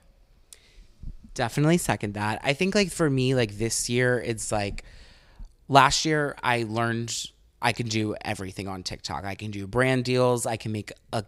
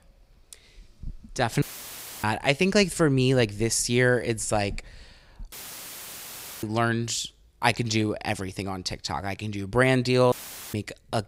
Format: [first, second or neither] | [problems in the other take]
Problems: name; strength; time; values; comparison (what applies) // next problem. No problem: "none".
first | audio cutting out; filled with static; at 1.5 s for 0.5 s, at 5.5 s for 1 s and at 10 s